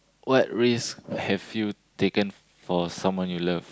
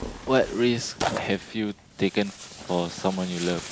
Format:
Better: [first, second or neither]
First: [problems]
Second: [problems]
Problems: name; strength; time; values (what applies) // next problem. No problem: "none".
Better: first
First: none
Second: background sound (Tearing); 10 dB below the speech